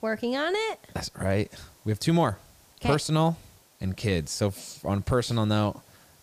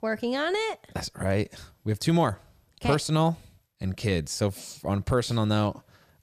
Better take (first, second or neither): second